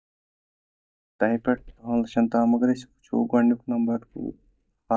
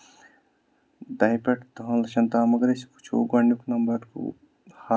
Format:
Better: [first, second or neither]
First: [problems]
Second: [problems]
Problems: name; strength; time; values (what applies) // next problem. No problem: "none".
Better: second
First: noise reduction (neural mask model DeepFilterNet 3)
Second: none